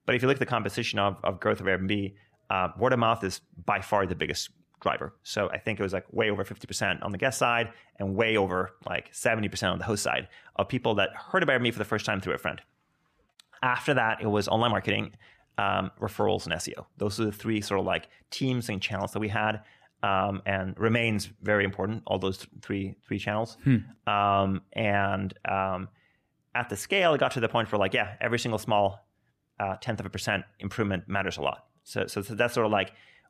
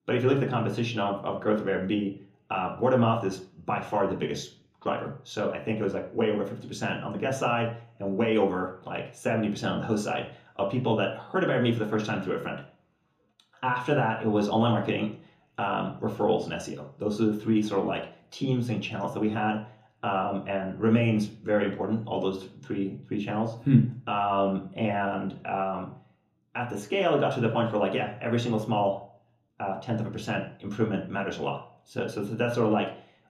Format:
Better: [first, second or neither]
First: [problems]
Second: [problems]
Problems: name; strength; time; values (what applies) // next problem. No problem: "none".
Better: first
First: none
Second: room echo; slight; dies away in 0.5 s // off-mic speech; somewhat distant